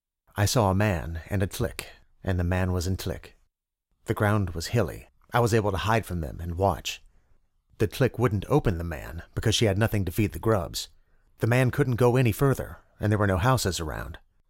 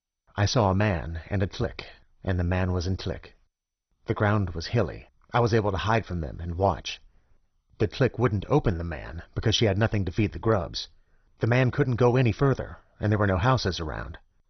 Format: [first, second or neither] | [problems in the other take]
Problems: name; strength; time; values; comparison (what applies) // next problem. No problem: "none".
first | garbled, watery; badly; nothing above 6 kHz